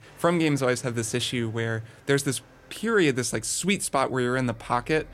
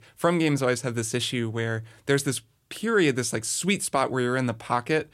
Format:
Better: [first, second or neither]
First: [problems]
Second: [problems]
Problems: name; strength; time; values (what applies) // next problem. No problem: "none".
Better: second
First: traffic noise; faint; throughout; 25 dB below the speech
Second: none